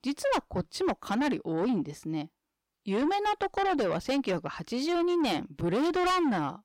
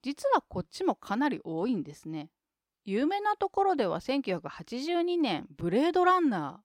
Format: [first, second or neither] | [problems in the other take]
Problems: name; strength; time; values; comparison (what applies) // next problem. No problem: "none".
second | distortion; heavy; 8 dB below the speech